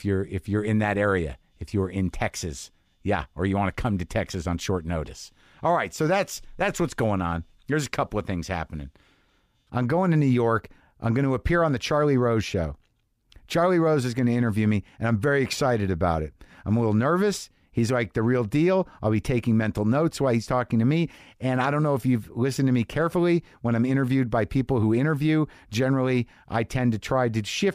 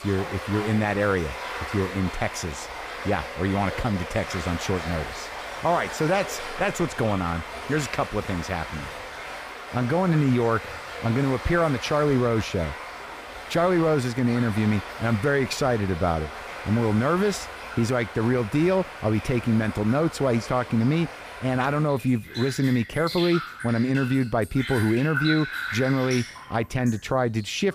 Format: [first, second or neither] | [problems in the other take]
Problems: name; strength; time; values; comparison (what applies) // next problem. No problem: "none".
first | rain or running water; loud; throughout; 10 dB below the speech